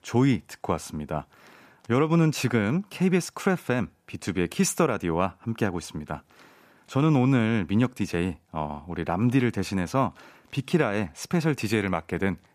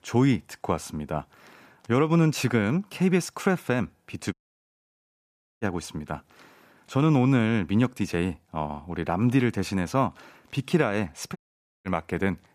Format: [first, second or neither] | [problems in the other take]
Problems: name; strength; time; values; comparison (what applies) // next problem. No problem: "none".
first | audio cutting out; at 4.5 s for 1.5 s and at 11 s